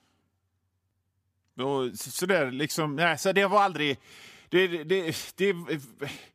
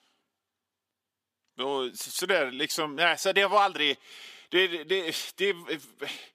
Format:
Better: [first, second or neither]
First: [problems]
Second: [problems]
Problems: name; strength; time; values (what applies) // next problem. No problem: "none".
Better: first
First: none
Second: thin; somewhat; fading below 350 Hz